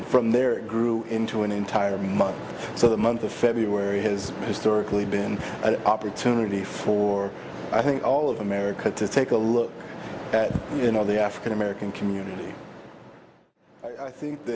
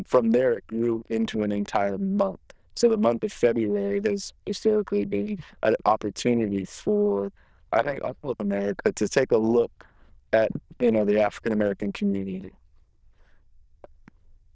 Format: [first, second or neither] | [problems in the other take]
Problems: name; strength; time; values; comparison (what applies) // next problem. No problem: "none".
first | noise reduction (neural diffusion model UNIVERSE++)